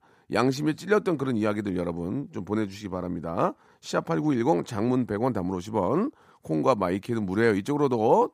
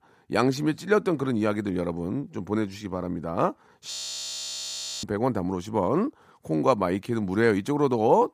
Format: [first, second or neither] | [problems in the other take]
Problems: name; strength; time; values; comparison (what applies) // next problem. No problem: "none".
first | audio freezing; at 4 s for 1 s